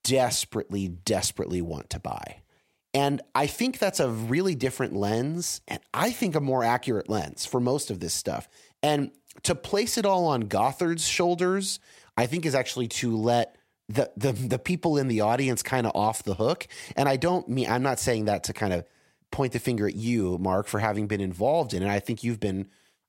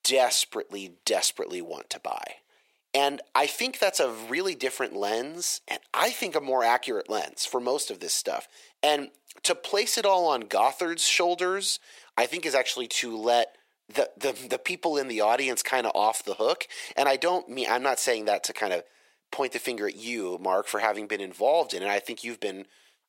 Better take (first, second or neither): first